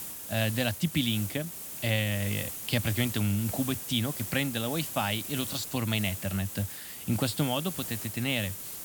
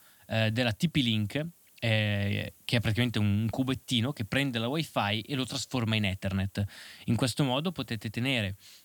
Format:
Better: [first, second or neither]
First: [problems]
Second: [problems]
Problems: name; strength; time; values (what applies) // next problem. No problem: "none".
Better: second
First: hiss; loud; throughout; 6 dB below the speech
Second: hiss; faint; throughout; 25 dB below the speech